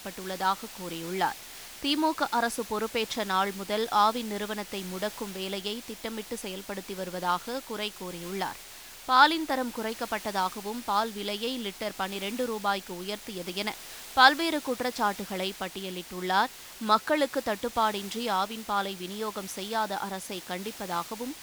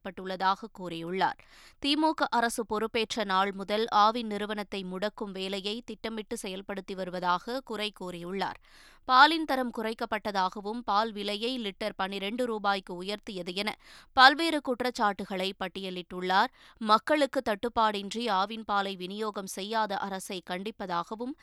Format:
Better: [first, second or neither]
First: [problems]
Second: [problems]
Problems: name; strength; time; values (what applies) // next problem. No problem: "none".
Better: second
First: hiss; noticeable; throughout; 15 dB below the speech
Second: none